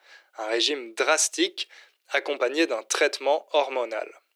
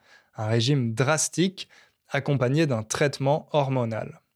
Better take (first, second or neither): second